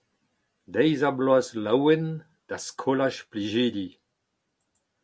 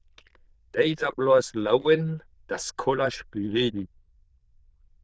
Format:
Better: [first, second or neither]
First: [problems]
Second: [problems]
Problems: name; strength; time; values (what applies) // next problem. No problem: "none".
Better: first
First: none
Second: noise reduction (neural diffusion model UNIVERSE++)